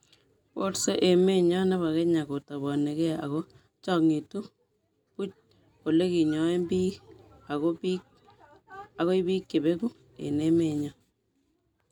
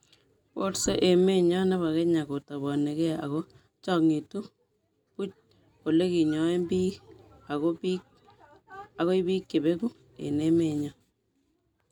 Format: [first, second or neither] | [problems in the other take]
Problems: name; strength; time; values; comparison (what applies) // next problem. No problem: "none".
first | background sound (Bowed string instrument); 17 dB below the speech